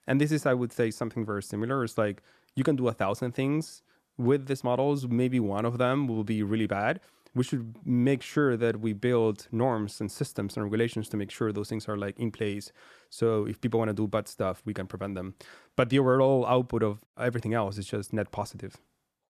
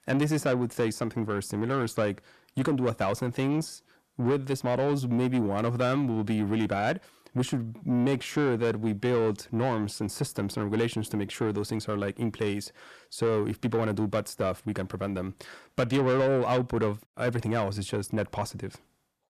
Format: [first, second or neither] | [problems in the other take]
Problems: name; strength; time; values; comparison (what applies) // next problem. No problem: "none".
first | distortion; slight; 10 dB below the speech